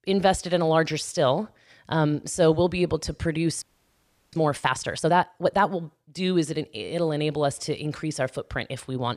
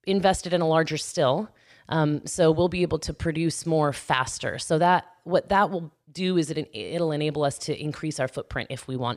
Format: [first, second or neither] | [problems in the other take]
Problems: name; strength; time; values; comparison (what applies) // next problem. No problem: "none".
second | audio freezing; at 3.5 s for 0.5 s